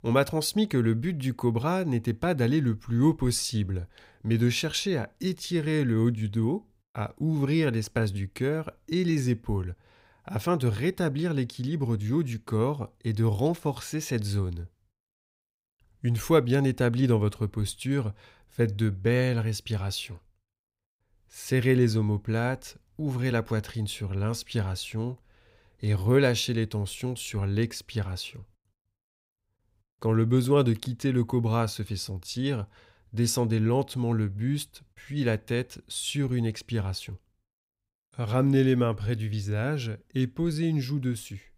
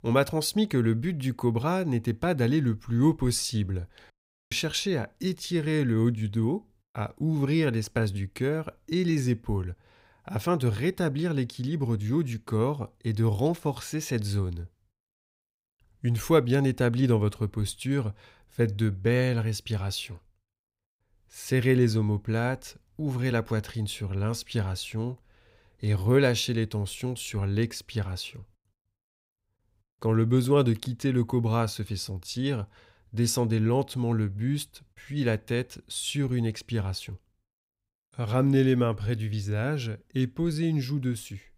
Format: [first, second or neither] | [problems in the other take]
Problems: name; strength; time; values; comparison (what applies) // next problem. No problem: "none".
first | audio cutting out; at 4 s